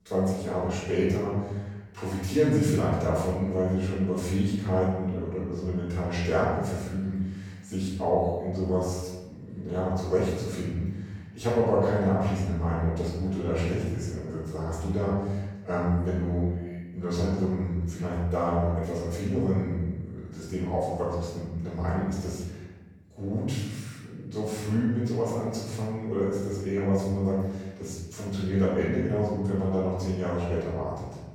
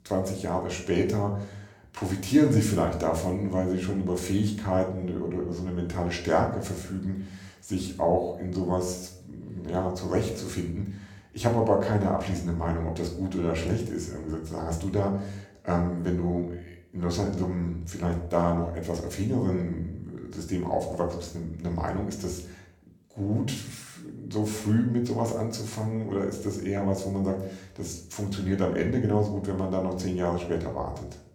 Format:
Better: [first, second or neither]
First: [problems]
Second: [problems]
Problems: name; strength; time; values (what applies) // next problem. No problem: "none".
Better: second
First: room echo; strong; dies away in 1.2 s // off-mic speech; far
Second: room echo; slight; dies away in 0.5 s // off-mic speech; somewhat distant